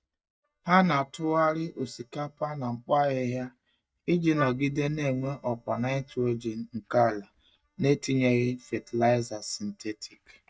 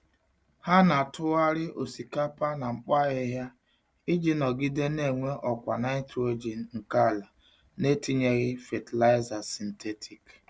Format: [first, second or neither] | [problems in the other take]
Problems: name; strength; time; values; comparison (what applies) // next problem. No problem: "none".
second | noise reduction (neural mask model DeepFilterNet 3)